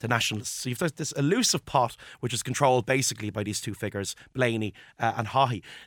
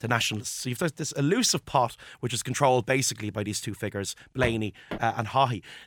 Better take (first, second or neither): first